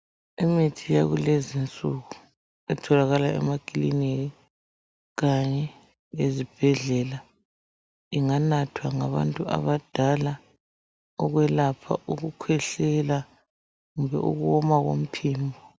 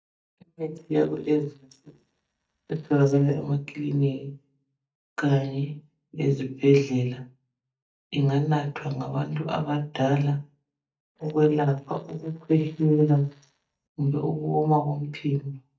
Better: first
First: none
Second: noise reduction (neural mask model DeepFilterNet 3)

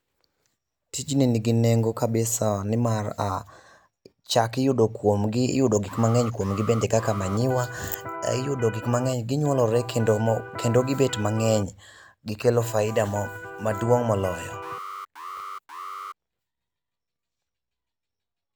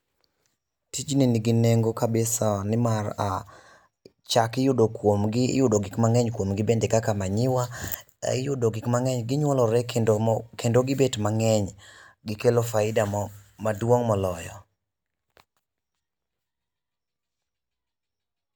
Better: second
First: background sound (Electric guitar + Alarm); 12 dB below the speech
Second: none

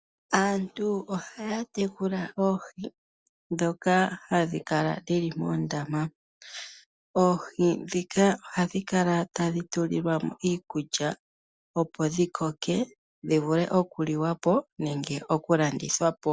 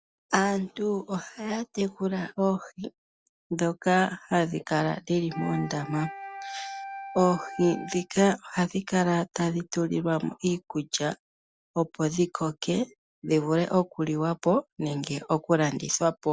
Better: first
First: none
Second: background sound (Wind instrument, woodwind instrument); 12 dB below the speech

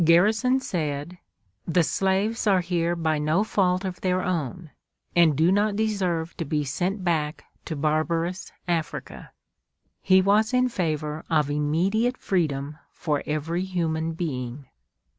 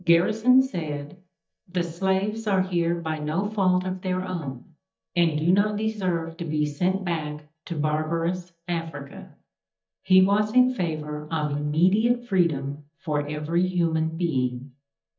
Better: first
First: none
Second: noise reduction (neural mask model DeepFilterNet 3)

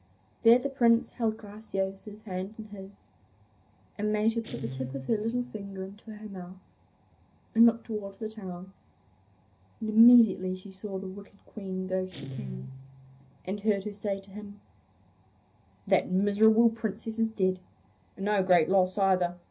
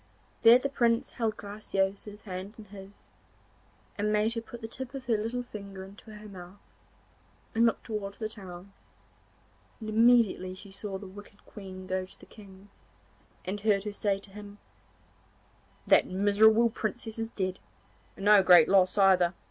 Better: second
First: background sound (Guitar); 20 dB below the speech // room echo; dies away in 0.4 s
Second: none

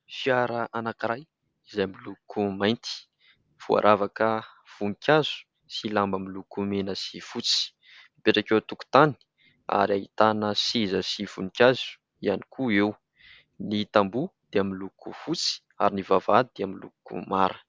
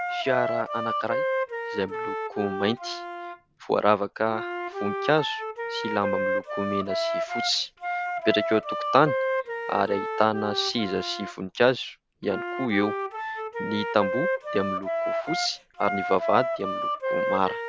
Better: first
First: none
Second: background sound (Wind instrument, woodwind instrument); 2 dB below the speech

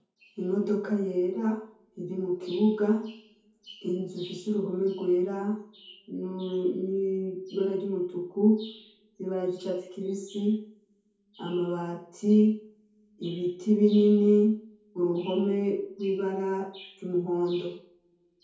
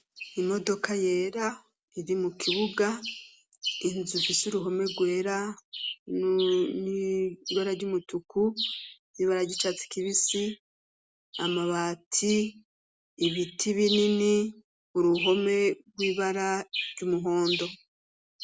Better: second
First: room echo; dies away in 0.6 s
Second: none

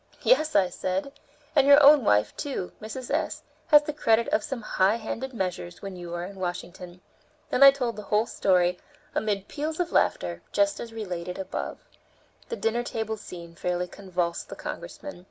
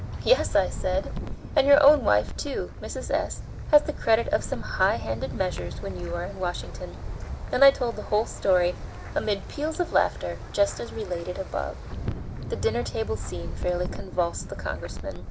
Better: first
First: none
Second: background sound (Wind); 8 dB below the speech

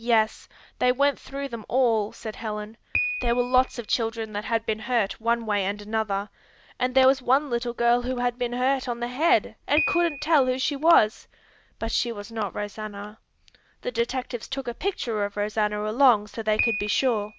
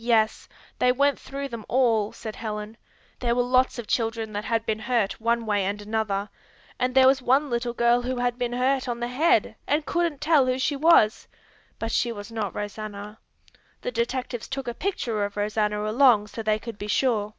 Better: second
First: background sound (Piano); 14 dB below the speech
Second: none

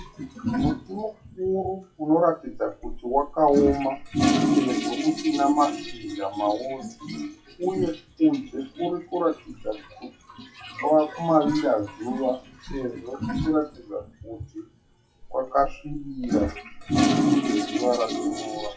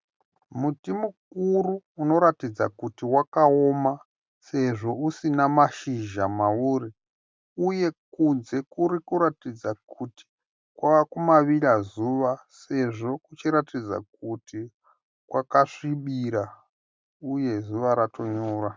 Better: second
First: noise reduction (classical method WPE with log-MMSE)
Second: none

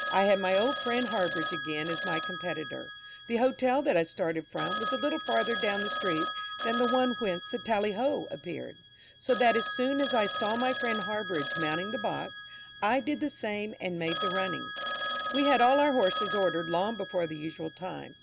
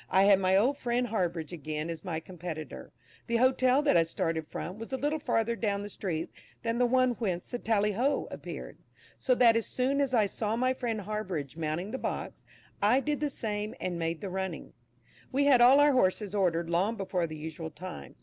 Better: second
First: background sound (Telephone); 6 dB below the speech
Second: none

